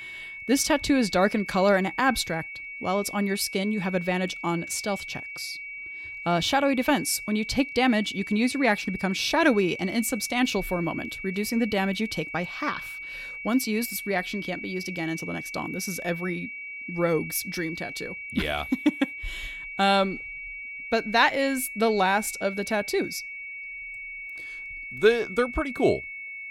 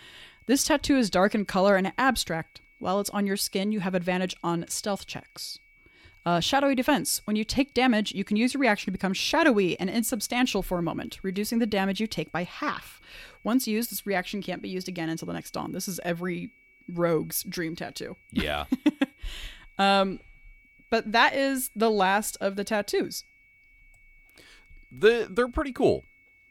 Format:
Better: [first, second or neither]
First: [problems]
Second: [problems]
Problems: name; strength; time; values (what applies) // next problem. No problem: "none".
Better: second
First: high-pitched whine; loud; throughout; 2.5 kHz, 9 dB below the speech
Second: high-pitched whine; faint; throughout; 2.5 kHz, 30 dB below the speech